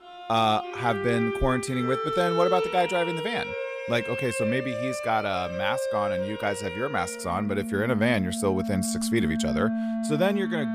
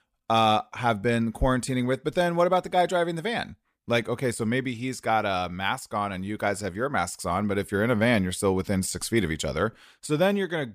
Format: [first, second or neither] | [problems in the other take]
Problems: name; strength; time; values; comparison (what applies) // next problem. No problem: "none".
second | background music; loud; throughout; 3 dB below the speech